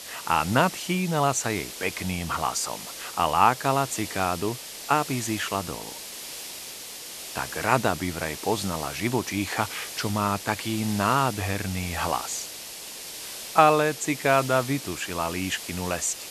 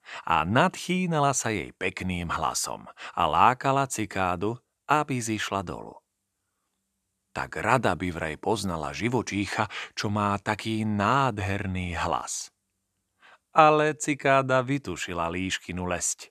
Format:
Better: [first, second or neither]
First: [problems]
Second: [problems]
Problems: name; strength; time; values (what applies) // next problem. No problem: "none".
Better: second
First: hiss; loud; throughout; 10 dB below the speech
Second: none